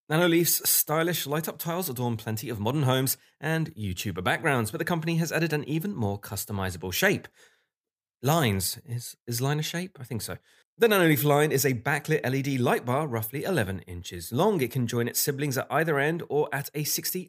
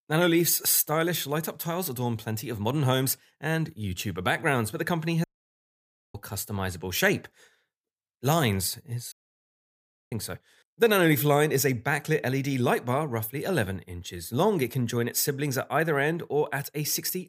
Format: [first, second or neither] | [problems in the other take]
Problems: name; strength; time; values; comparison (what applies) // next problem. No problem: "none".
first | audio cutting out; at 5 s for 1 s and at 9 s for 1 s